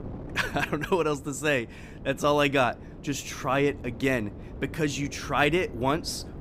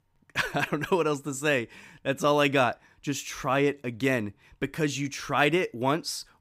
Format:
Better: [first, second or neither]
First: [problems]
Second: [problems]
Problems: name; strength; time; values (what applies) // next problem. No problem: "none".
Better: second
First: wind noise on the microphone; occasional gusts; 20 dB below the speech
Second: none